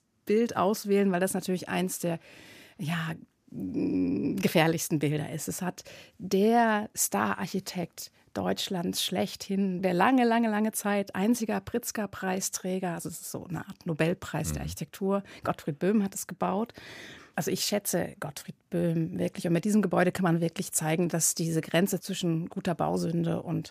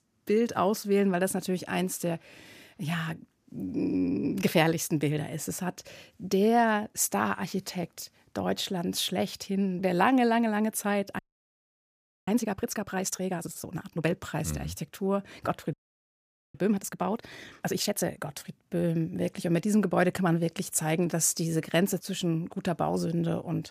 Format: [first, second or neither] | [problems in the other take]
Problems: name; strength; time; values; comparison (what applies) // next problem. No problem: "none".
first | audio freezing; at 11 s for 1 s and at 16 s for 1 s